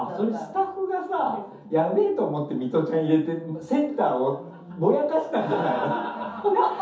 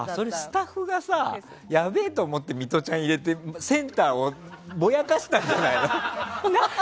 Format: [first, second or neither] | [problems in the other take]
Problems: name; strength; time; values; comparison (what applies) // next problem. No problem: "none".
second | room echo; dies away in 0.5 s